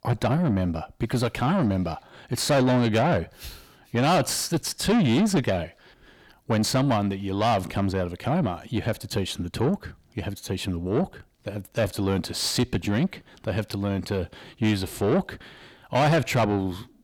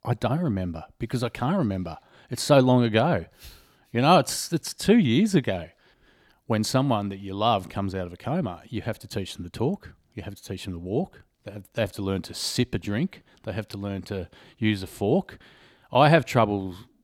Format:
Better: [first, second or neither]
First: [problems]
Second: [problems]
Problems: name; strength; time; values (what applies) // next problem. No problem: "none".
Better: second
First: distortion; heavy; 7 dB below the speech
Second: none